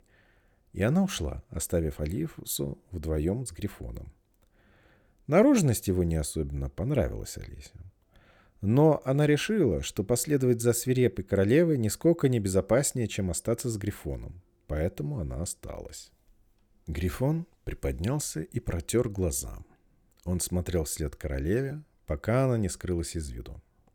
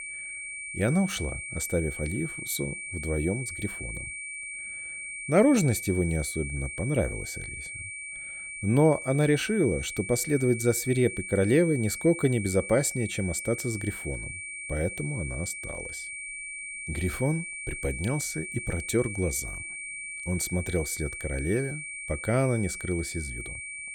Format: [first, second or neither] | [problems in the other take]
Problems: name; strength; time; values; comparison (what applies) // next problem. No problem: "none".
first | high-pitched whine; loud; throughout; 2.5 kHz, 7 dB below the speech